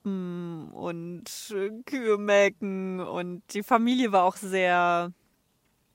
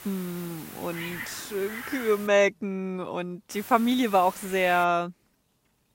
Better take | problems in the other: first | hiss; noticeable; until 2.5 s and from 3.5 to 5 s; 15 dB below the speech

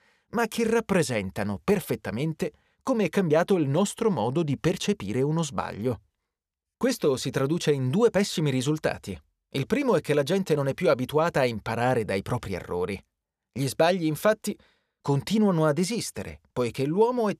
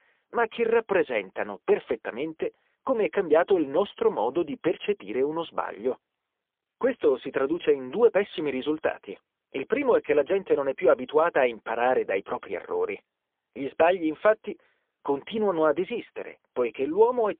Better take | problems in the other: first | phone-call audio; poor line; nothing above 3.5 kHz

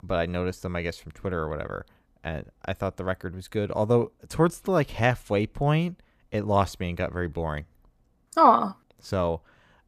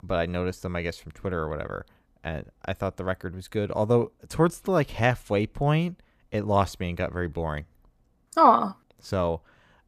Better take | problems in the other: neither | none

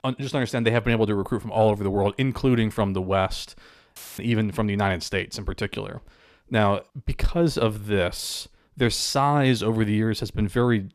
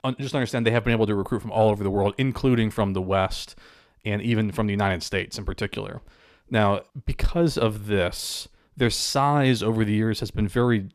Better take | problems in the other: second | audio cutting out; filled with static; at 4 s

